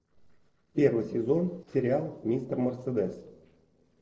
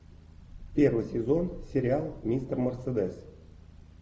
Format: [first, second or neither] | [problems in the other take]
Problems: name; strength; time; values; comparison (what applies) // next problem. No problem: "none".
second | noise reduction (neural separator model SepFormer DNS4)